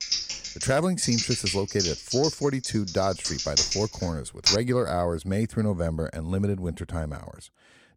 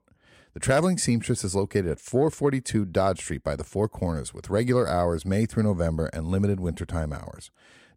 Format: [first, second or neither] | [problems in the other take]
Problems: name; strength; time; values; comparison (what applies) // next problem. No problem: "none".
second | keyboard typing; loud; until 4.5 s; peak 5 dB above the speech